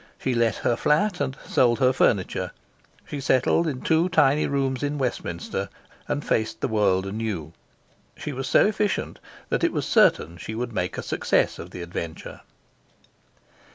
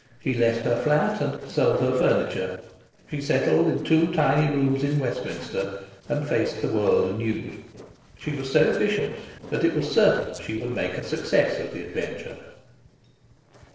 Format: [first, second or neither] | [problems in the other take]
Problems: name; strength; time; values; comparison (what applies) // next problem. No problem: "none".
first | noise reduction (neural separator model SepFormer DNS4)